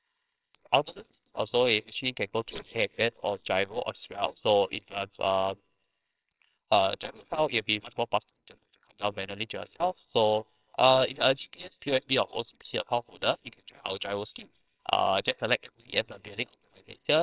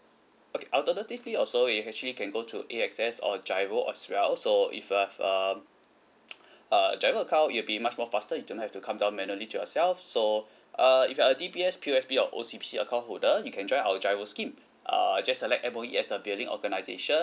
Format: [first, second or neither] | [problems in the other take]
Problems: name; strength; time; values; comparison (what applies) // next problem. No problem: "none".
second | noise reduction (neural separator model SepFormer WHAMR!)